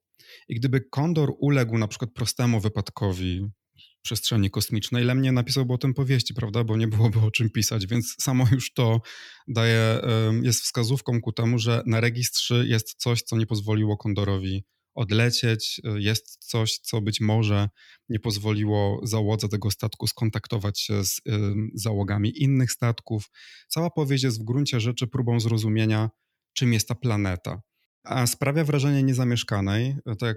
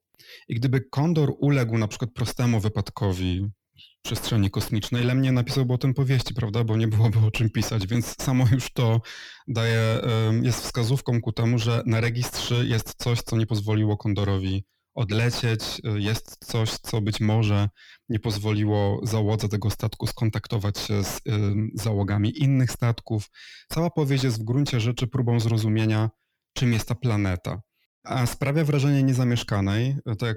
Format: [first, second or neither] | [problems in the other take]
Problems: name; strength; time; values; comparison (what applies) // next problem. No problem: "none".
first | distortion; slight; 9 dB below the speech